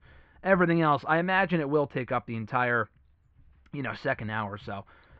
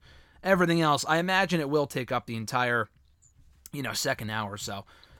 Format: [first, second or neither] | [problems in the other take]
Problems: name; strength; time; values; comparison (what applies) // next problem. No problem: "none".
second | muffled; very; fading above 2.5 kHz